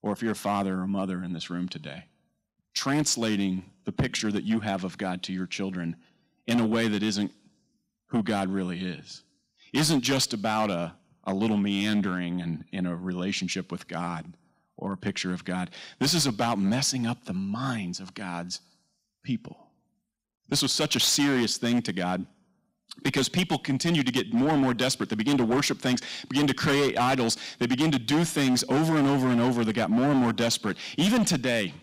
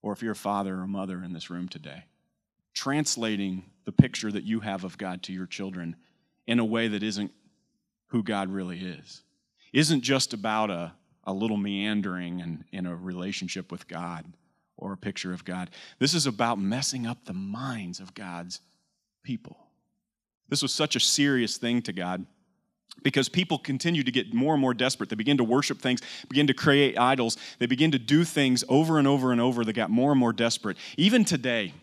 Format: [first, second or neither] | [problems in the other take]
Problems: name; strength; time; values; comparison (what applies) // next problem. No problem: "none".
second | distortion; heavy; 9% of the sound clipped